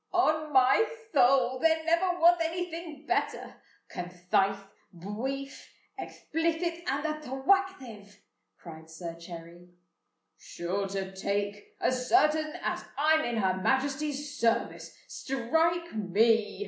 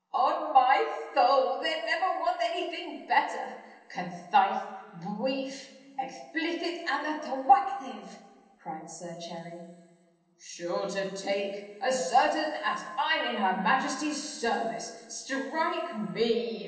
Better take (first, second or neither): first